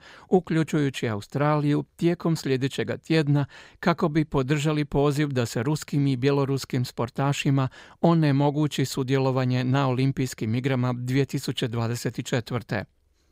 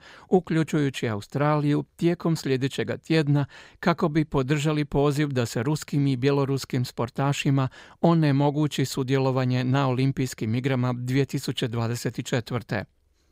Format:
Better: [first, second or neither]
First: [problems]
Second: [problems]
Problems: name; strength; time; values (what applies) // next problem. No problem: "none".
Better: neither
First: none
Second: none